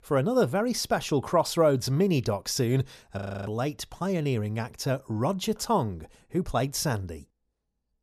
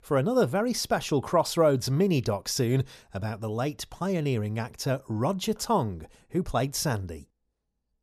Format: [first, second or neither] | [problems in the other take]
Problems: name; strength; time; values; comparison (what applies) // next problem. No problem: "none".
second | audio freezing; at 3 s